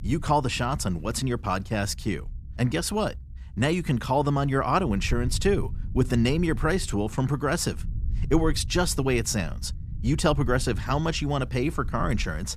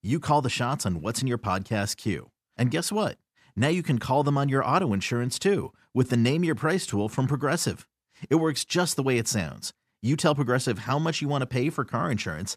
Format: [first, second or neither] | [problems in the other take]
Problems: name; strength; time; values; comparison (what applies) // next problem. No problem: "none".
second | low rumble; faint; throughout; 25 dB below the speech